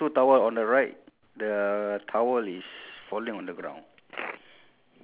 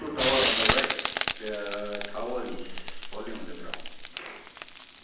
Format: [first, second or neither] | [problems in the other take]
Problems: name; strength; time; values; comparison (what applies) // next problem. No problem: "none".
first | background sound (Frying (food)); 3 dB above the speech // room echo; dies away in 0.9 s